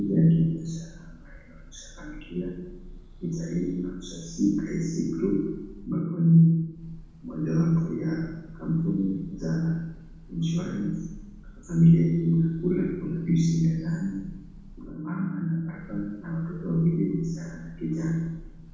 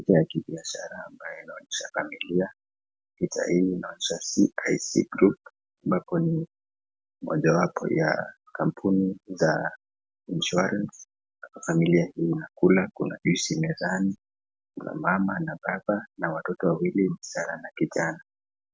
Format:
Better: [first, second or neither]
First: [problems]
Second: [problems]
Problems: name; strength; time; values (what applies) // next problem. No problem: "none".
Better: second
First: background sound (Bird / Breathing); 19 dB below the speech // room echo; dies away in 1.1 s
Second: none